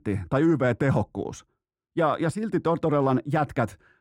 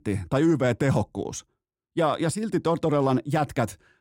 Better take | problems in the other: second | muffled; slightly; fading above 3 kHz

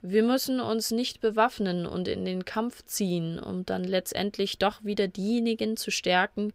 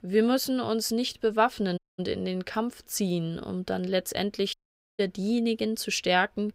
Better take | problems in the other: first | audio cutting out; at 2 s and at 4.5 s

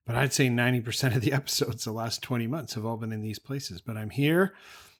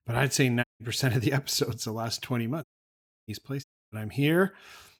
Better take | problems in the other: first | audio cutting out; at 0.5 s, at 2.5 s for 0.5 s and at 3.5 s

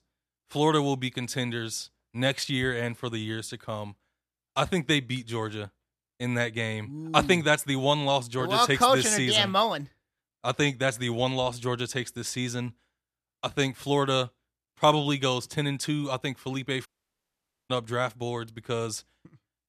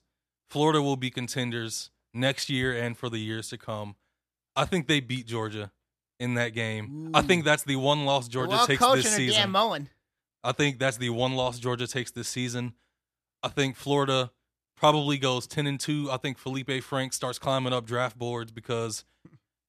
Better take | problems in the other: second | audio cutting out; at 17 s for 1 s

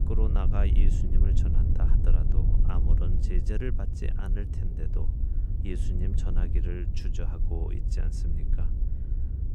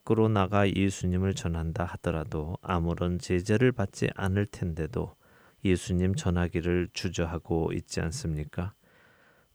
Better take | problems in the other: second | low rumble; loud; throughout; 2 dB below the speech

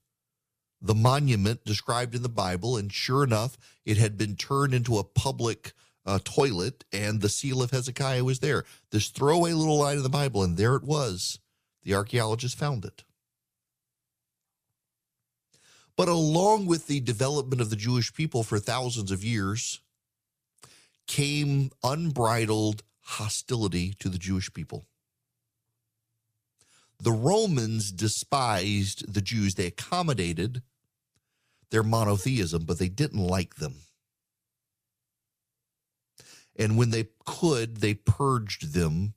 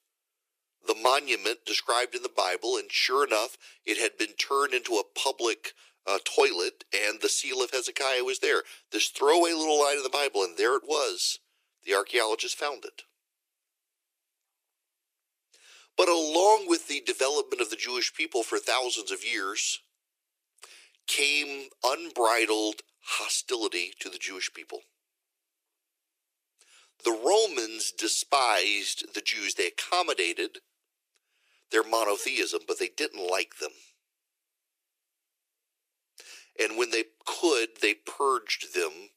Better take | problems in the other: first | thin; very; fading below 350 Hz

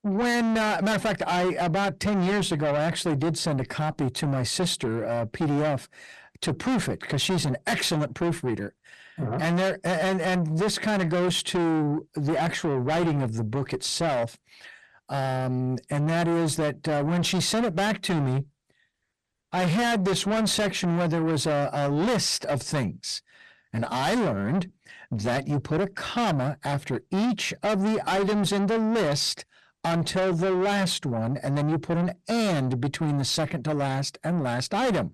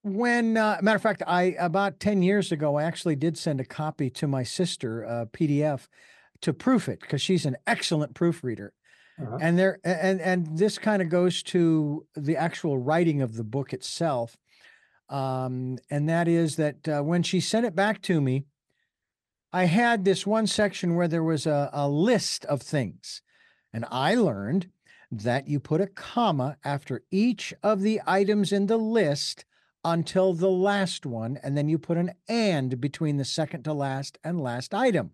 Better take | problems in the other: second | distortion; heavy; 6 dB below the speech

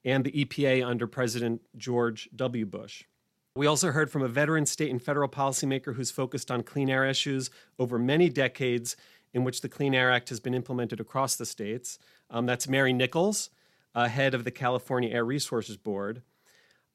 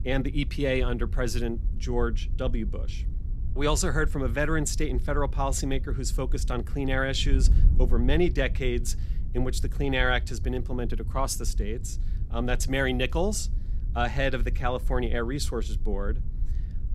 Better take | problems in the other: first | wind noise on the microphone; occasional gusts; 20 dB below the speech

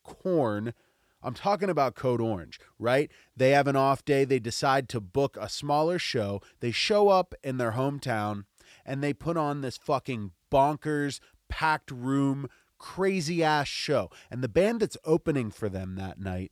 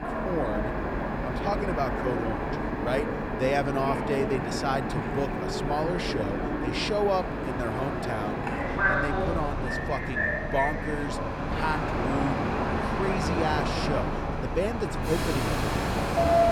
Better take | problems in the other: first | train or aircraft noise; very loud; throughout; 2 dB above the speech

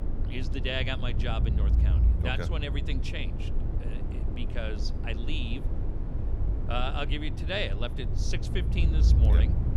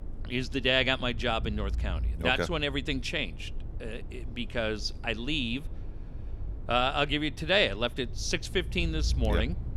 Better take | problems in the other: second | low rumble; loud; throughout; 8 dB below the speech; faint in the second

